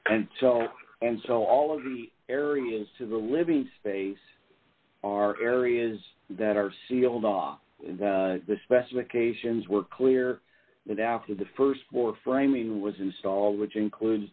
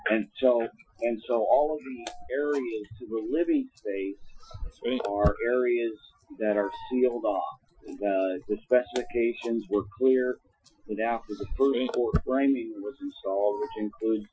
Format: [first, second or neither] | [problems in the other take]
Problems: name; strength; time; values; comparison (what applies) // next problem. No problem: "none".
first | noise reduction (classical method Wiener filter)